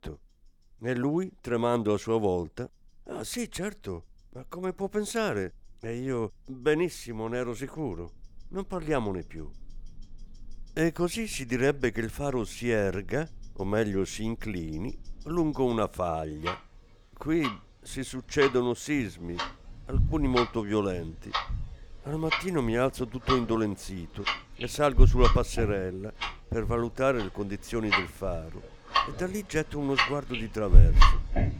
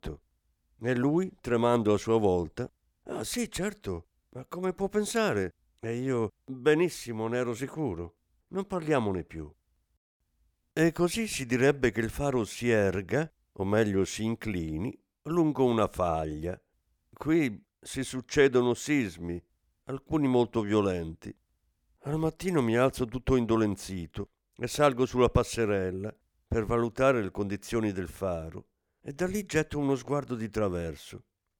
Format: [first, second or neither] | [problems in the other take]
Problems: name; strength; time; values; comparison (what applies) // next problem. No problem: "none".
second | household noises; very loud; throughout; 1 dB above the speech